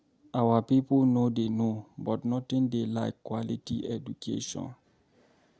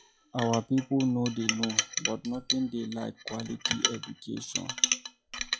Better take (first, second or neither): first